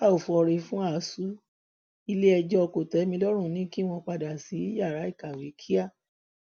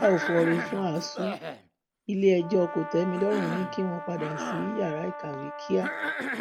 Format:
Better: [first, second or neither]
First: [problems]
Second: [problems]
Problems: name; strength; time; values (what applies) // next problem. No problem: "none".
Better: first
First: none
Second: background sound (Brass instrument + Cough); 7 dB below the speech